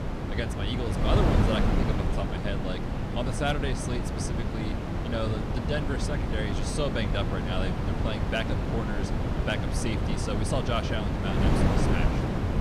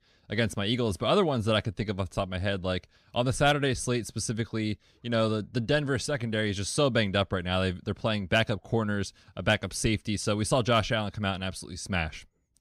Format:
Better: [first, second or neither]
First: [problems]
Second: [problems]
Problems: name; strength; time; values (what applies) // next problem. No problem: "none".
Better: second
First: wind noise on the microphone; heavy; as loud as the speech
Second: none